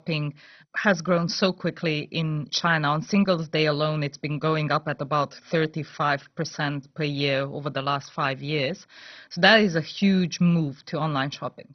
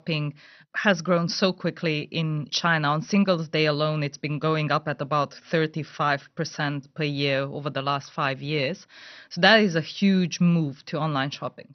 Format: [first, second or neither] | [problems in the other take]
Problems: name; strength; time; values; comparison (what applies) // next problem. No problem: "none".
second | garbled, watery; badly; nothing above 6 kHz; slightly in the second